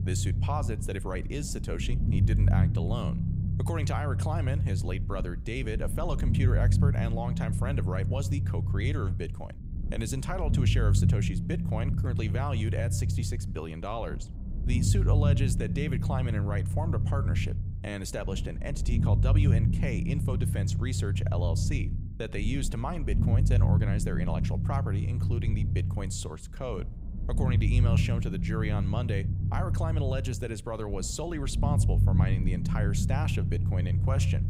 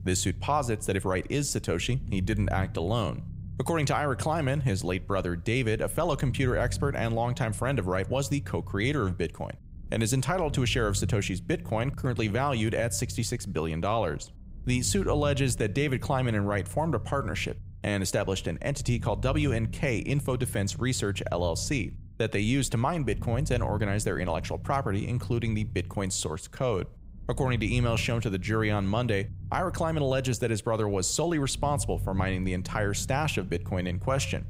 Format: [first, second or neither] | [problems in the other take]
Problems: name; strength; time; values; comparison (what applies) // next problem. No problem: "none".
second | low rumble; loud; throughout; 4 dB below the speech; faint in the second